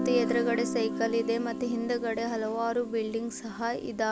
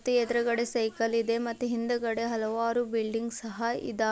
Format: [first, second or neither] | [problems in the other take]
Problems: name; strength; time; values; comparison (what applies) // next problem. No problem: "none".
second | background sound (Guitar); 5 dB below the speech